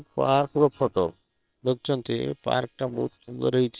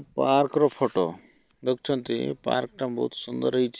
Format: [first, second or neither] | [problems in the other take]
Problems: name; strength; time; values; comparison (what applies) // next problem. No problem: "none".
second | noise reduction (neural separator model SepFormer WHAM!)